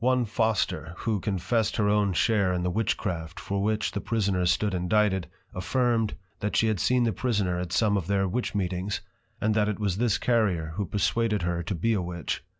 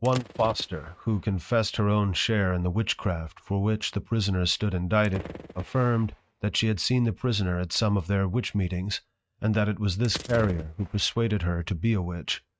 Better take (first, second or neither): first